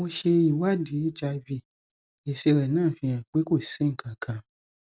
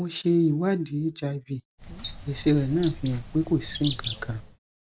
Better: first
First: none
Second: background sound (Bird); 11 dB below the speech

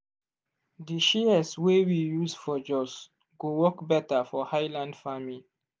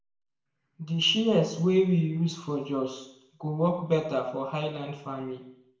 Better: first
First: none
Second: room echo; dies away in 0.7 s

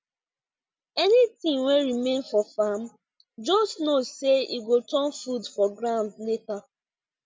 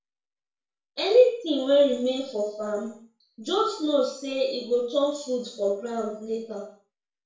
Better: first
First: none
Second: room echo; dies away in 0.5 s

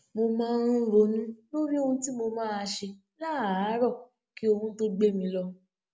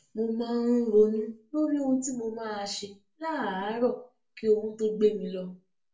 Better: first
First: none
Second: room echo; dies away in 0.2 s

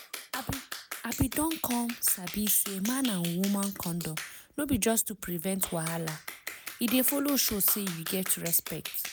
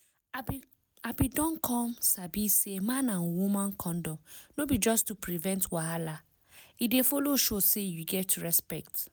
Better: second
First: background sound (Clapping); 11 dB below the speech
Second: none

